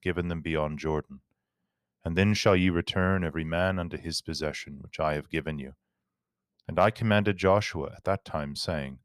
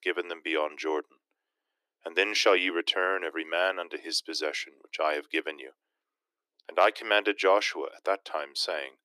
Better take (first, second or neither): first